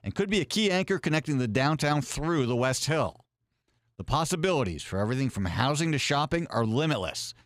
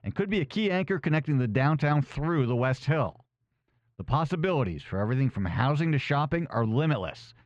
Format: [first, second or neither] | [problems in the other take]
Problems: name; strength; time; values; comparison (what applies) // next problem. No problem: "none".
first | muffled; slightly; fading above 2 kHz